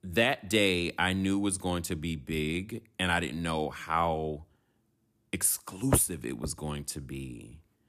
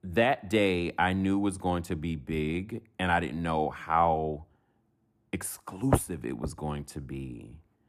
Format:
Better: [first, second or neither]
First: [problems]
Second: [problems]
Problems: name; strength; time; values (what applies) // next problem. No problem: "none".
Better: first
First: none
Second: muffled; slightly; fading above 2.5 kHz